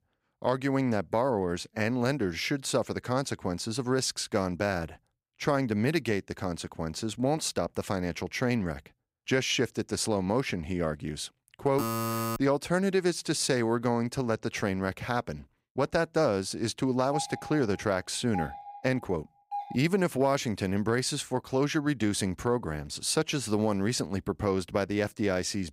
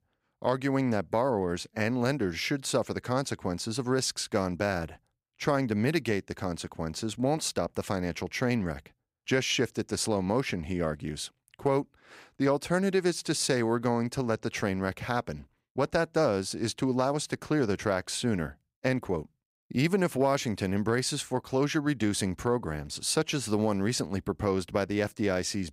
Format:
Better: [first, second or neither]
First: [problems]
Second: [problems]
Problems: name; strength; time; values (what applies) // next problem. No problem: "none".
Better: second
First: alarm; noticeable; at 12 s; peak 1 dB below the speech // doorbell; noticeable; from 17 to 20 s; peak 8 dB below the speech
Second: none